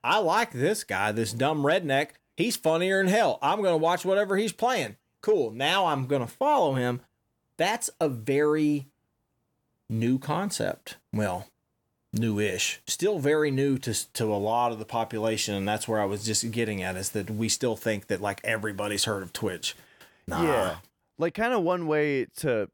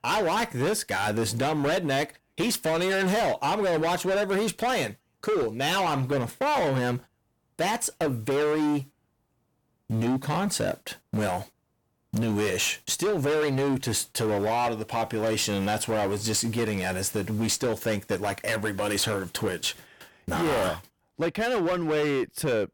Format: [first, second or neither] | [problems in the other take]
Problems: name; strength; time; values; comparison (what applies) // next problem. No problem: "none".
first | distortion; heavy; 21% of the sound clipped